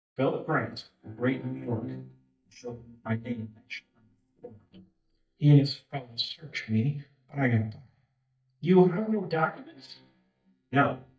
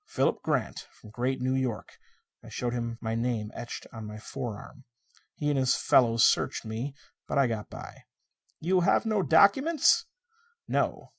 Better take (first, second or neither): second